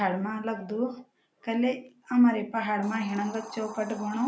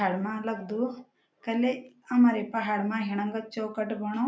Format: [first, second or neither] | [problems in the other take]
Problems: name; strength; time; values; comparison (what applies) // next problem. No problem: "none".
second | background sound (Hiss); 20 dB below the speech